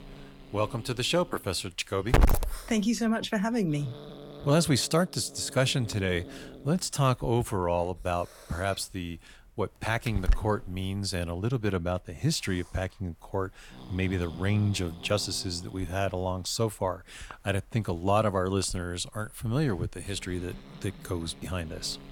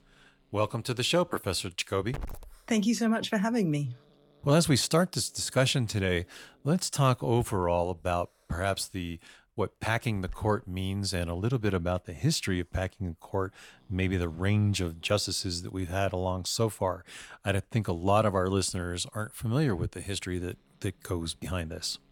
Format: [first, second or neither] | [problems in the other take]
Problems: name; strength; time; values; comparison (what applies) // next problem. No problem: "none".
second | hiss; loud; throughout; 8 dB below the speech; faint in the second